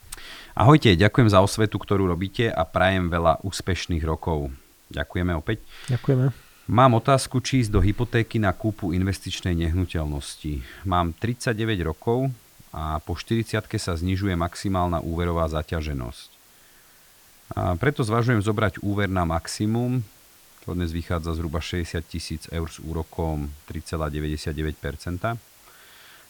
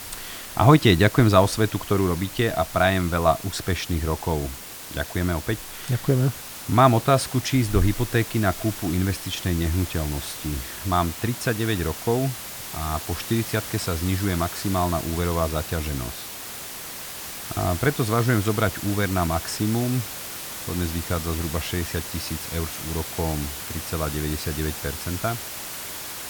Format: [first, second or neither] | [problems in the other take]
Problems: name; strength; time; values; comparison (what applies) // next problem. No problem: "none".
first | hiss; loud; throughout; 9 dB below the speech; faint in the first